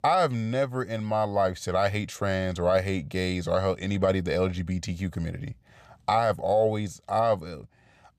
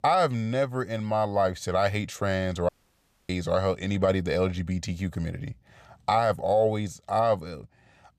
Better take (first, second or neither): first